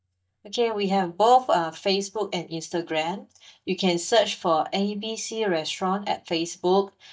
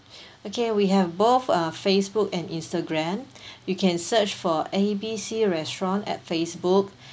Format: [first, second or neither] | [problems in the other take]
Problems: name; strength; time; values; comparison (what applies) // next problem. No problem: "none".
second | noise reduction (neural mask model DeepFilterNet 3)